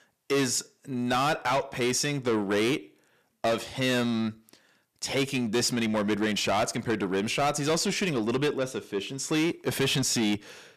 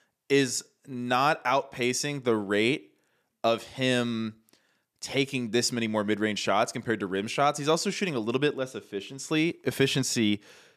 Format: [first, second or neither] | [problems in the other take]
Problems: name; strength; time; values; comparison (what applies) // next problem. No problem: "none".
second | distortion; heavy; 8 dB below the speech